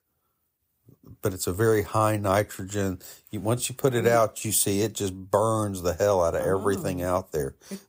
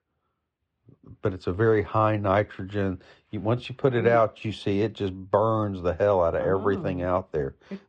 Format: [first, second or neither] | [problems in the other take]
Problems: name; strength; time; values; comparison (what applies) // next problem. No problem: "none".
first | muffled; very; fading above 3.5 kHz